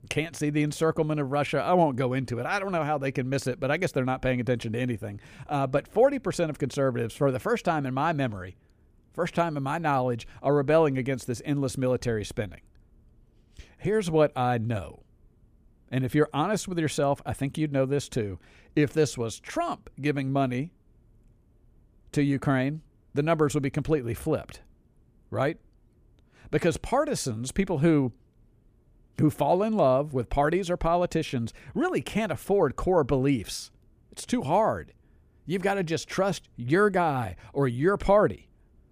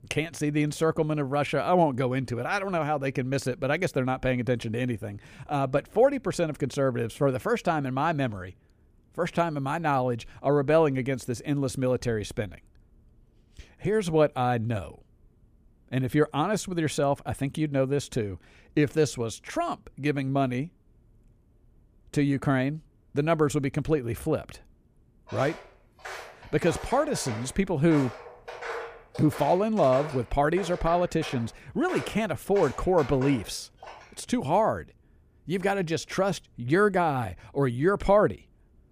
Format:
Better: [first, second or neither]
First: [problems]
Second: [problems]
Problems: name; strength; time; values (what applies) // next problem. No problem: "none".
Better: first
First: none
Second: footsteps; noticeable; from 25 to 34 s; peak 9 dB below the speech